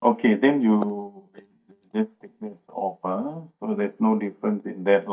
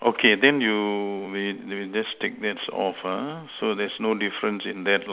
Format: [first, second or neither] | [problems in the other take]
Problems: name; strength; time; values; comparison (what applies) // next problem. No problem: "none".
second | noise reduction (neural mask model DeepFilterNet 3)